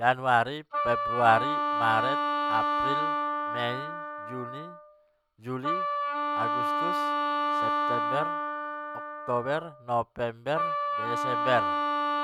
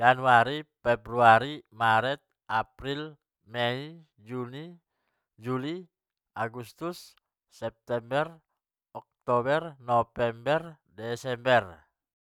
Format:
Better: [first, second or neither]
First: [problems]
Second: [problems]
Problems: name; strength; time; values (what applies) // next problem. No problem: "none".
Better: second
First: background sound (Wind instrument, woodwind instrument); 2 dB above the speech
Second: none